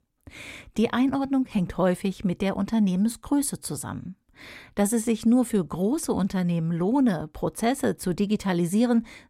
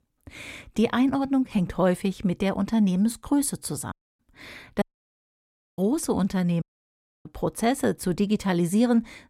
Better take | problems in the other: first | audio cutting out; at 4 s, at 5 s for 1 s and at 6.5 s for 0.5 s

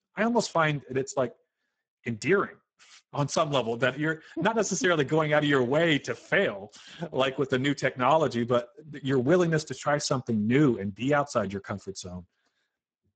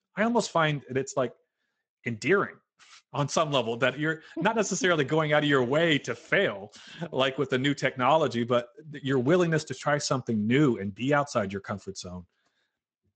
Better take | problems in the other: second | garbled, watery; badly; nothing above 7.5 kHz; slightly in the second

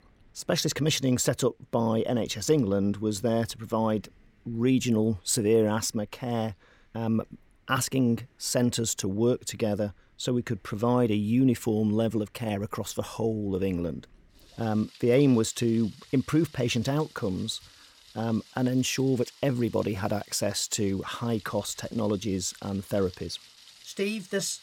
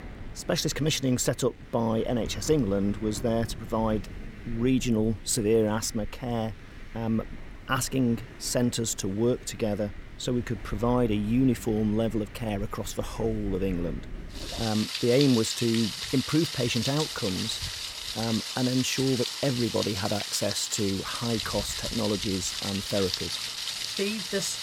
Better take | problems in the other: first | rain or running water; loud; throughout; 6 dB below the speech; faint in the first

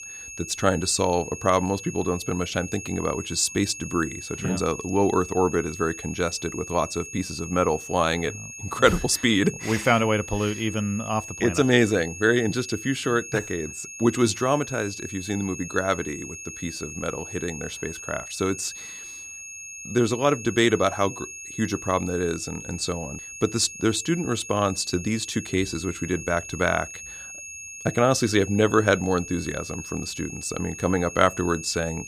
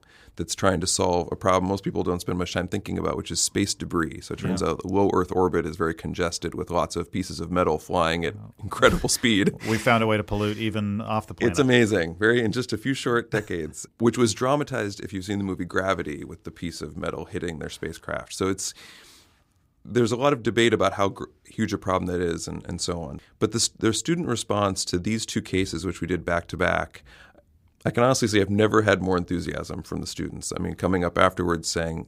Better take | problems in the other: second | high-pitched whine; noticeable; throughout; 2.5 kHz, 10 dB below the speech

